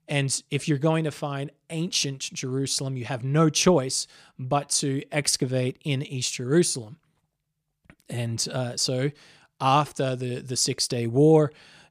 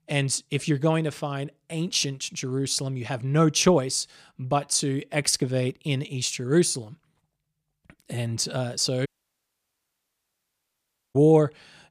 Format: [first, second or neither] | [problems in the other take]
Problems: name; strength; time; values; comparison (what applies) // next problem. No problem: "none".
first | audio cutting out; at 9 s for 2 s